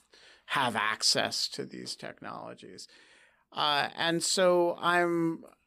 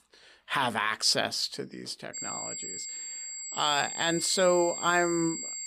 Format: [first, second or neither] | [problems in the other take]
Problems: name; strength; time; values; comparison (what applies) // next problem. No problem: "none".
first | high-pitched whine; loud; from 2 s on; 7.5 kHz, 7 dB below the speech